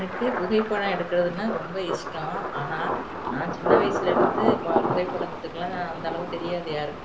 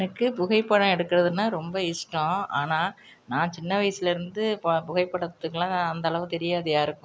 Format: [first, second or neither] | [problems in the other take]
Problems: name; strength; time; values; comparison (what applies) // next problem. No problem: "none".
second | background sound (Thunder); 1 dB above the speech // room echo; dies away in 0.3 s